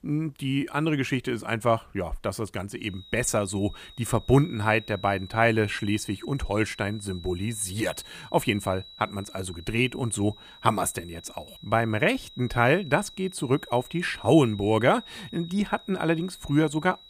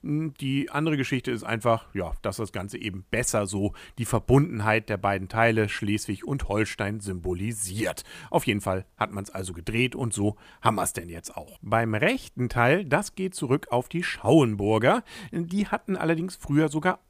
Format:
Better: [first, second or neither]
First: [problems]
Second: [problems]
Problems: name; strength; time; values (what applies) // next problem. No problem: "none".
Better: second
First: high-pitched whine; noticeable; from 3 s on; 4 kHz, 20 dB below the speech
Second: none